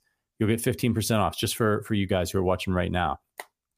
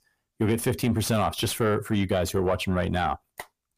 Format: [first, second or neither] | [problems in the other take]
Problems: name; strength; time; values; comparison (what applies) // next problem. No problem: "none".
first | distortion; slight; 10 dB below the speech